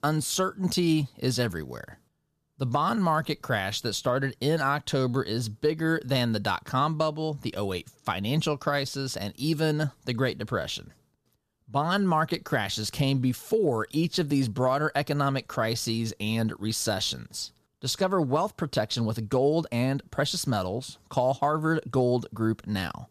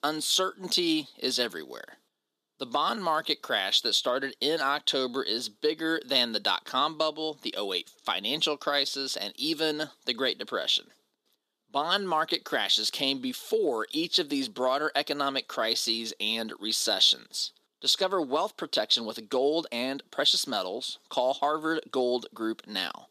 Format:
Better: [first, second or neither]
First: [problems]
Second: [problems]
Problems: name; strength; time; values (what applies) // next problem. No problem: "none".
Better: first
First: none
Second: thin; somewhat; fading below 250 Hz